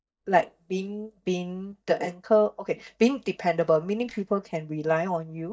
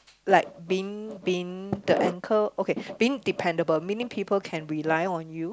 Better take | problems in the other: second | noise reduction (neural mask model DeepFilterNet 3)

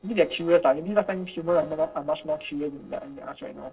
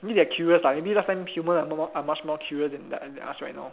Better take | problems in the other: second | noise reduction (neural separator model SepFormer DNS4)

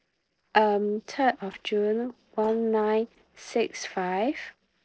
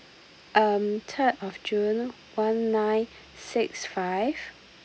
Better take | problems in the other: second | noise reduction (neural separator model SepFormer DNS4)

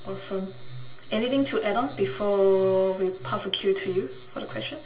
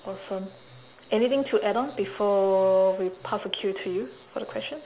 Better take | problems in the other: second | room echo; dies away in 0.2 s

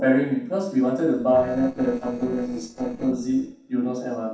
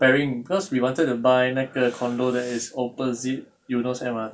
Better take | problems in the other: second | noise reduction (neural separator model SepFormer DNS4)

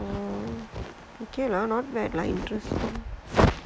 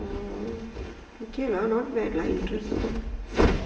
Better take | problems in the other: first | room echo; dies away in 0.8 s

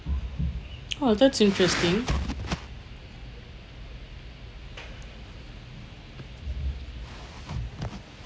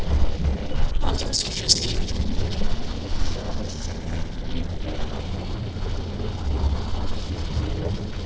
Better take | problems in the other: first | noise reduction (neural separator model SepFormer DNS4)

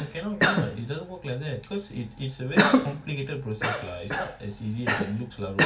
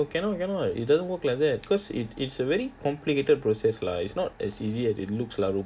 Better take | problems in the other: second | background sound (Cough); 4 dB above the speech // room echo; dies away in 0.2 s

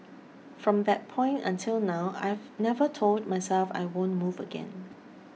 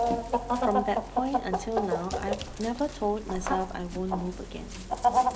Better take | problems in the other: first | background sound (Chicken, rooster); 2 dB above the speech

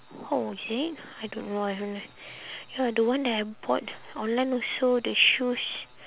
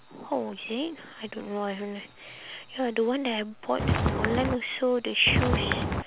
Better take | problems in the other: first | background sound (Walk, footsteps); 4 dB above the speech

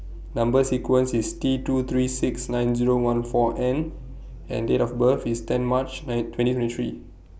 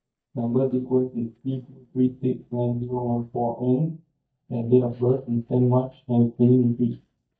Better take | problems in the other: first | noise reduction (neural mask model DeepFilterNet 3)

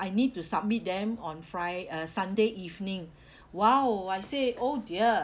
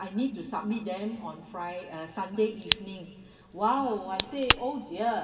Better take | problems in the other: first | background sound (Crack); 1 dB below the speech // room echo; dies away in 2.4 s

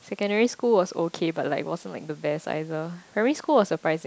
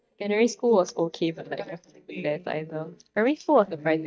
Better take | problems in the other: first | noise reduction (neural mask model DeepFilterNet 3)

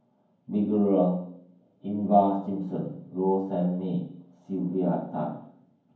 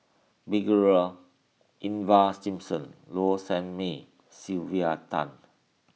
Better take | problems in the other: second | room echo; dies away in 0.9 s

